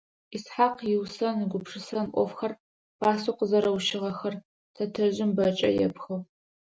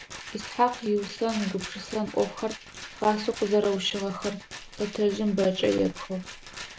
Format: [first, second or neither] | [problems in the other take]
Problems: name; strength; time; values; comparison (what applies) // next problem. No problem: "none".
first | background sound (Rattle); 14 dB below the speech